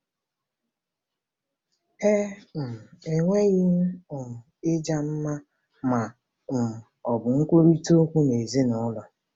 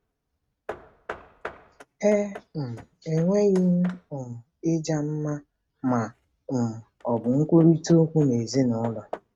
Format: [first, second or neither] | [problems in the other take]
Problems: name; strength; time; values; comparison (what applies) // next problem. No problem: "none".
first | noise reduction (neural mask model RNNoise)